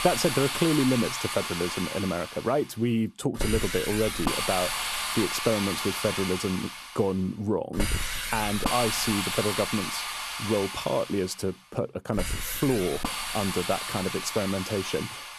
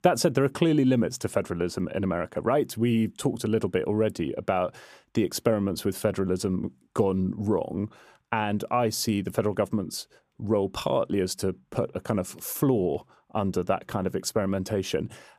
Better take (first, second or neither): second